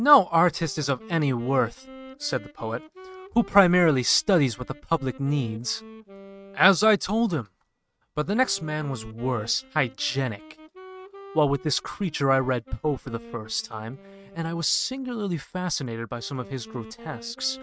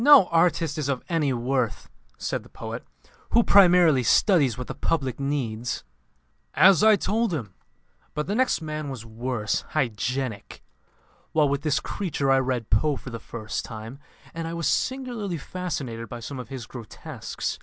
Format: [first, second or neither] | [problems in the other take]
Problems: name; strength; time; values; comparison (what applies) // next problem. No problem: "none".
second | noise reduction (neural mask model RNNoise)